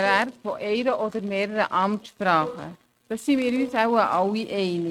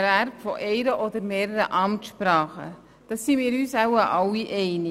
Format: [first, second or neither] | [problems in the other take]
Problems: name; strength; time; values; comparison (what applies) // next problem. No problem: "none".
second | noise reduction (neural mask model RNNoise)